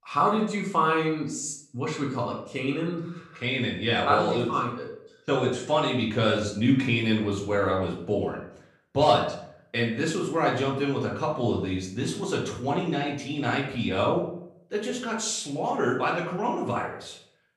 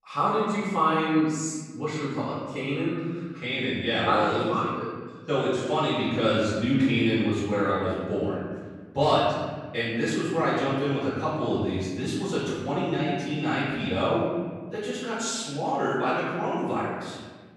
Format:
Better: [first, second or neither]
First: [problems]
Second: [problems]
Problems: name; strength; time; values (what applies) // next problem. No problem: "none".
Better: first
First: room echo; slight; dies away in 0.5 s // off-mic speech; far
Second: room echo; strong; dies away in 1.5 s // off-mic speech; far